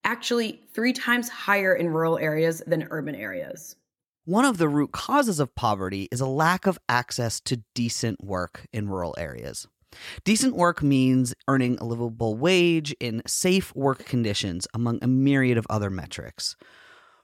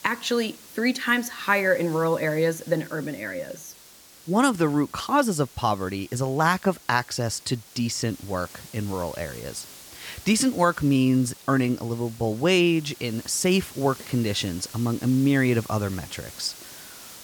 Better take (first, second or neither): first